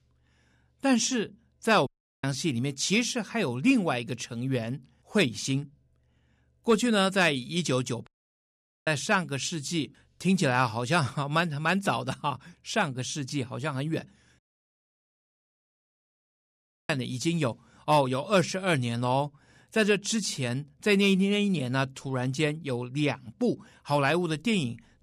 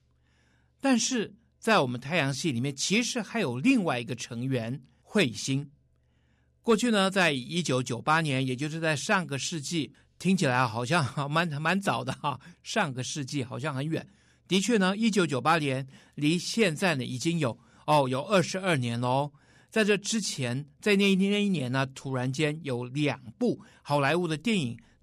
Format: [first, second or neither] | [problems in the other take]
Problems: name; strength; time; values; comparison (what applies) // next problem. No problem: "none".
second | audio cutting out; at 2 s, at 8 s for 1 s and at 14 s for 2.5 s